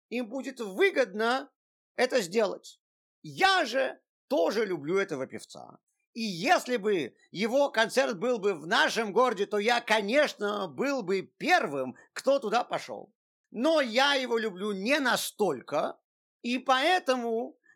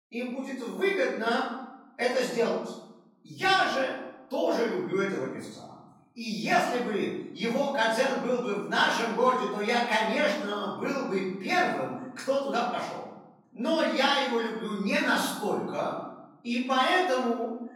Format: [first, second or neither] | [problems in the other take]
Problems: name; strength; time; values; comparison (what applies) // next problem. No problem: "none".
first | room echo; noticeable; dies away in 0.9 s // off-mic speech; far